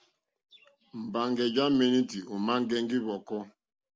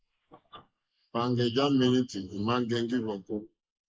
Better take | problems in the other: first | noise reduction (neural mask model Resemble Enhance denoiser)

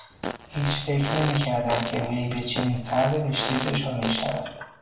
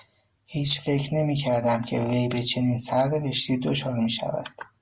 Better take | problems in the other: second | background sound (Fart); 7 dB below the speech // room echo; dies away in 0.6 s

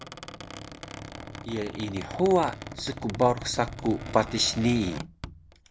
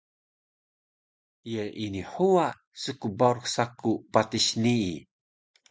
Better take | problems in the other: second | background sound (Squeak); 11 dB below the speech

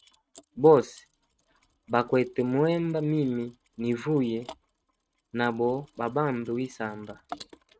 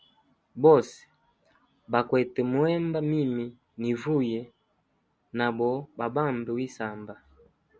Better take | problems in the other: second | noise reduction (neural mask model RNNoise)

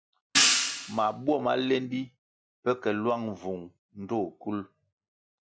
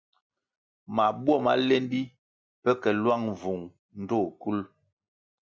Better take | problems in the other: second | background sound (Hi-hat); 3 dB above the speech

